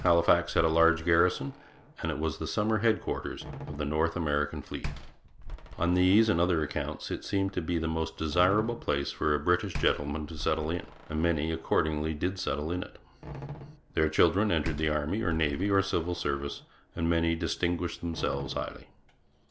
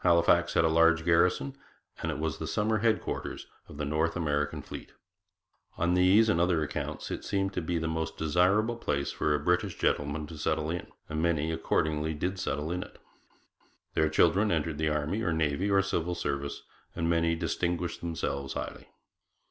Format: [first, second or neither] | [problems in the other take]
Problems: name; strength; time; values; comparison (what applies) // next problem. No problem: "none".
second | background sound (Slam); 14 dB below the speech